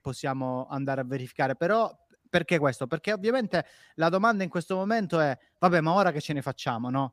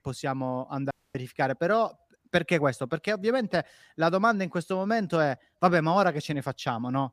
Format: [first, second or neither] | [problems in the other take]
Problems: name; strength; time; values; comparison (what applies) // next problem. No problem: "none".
first | audio cutting out; at 1 s